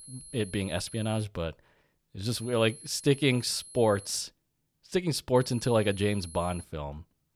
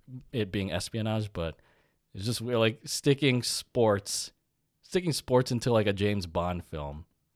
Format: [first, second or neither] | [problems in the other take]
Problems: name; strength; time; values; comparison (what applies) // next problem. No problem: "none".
second | high-pitched whine; noticeable; until 1 s, from 2.5 to 4 s and from 5.5 to 6.5 s; 10.5 kHz, 15 dB below the speech